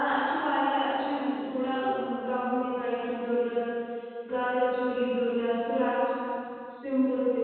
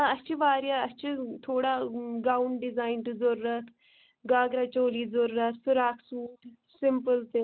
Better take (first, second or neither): second